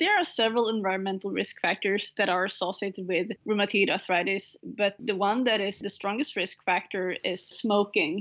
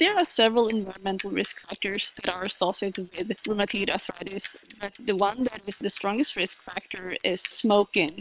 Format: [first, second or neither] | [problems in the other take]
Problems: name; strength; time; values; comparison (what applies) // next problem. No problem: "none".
first | noise reduction (neural separator model SepFormer WHAM!)